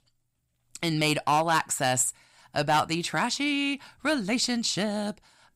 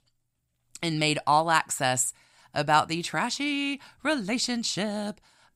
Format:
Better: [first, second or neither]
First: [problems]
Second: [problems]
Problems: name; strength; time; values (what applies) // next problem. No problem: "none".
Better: second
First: distortion; slight; 2% of the sound clipped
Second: none